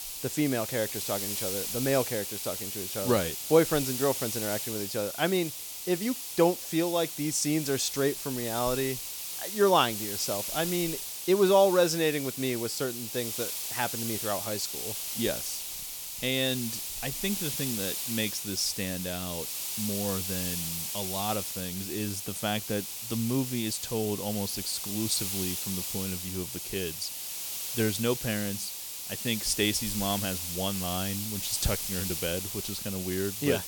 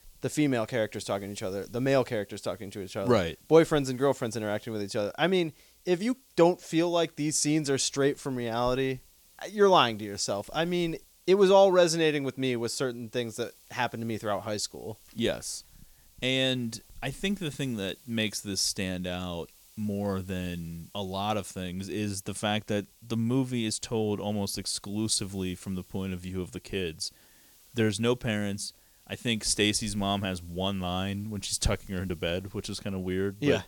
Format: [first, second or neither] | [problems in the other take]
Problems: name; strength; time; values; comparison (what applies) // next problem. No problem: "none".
second | hiss; loud; throughout; 3 dB below the speech; faint in the second